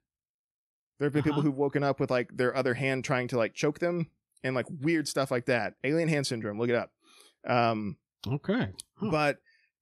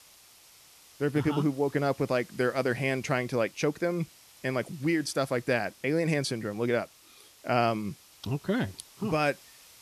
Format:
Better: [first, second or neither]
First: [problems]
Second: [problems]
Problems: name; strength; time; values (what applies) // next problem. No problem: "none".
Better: first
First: none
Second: hiss; faint; throughout; 25 dB below the speech